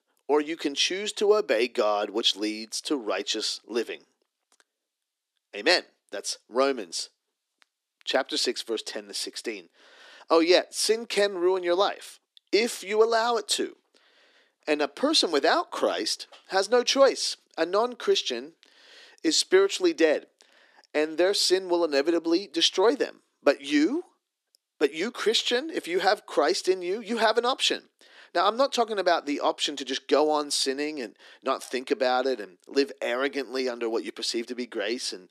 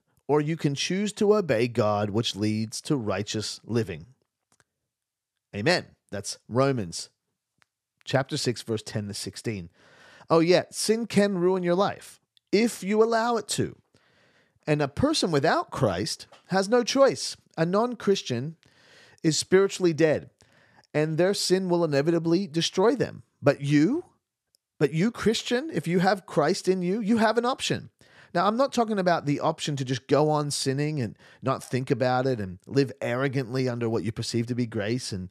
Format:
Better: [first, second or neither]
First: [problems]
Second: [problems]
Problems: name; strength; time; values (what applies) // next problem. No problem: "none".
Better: second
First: thin; somewhat; fading below 300 Hz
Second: none